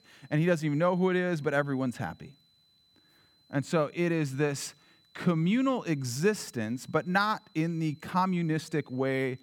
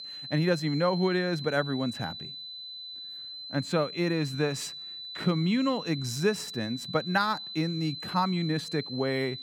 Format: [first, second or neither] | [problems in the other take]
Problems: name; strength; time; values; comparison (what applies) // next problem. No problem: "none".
first | high-pitched whine; loud; throughout; 4 kHz, 9 dB below the speech; faint in the first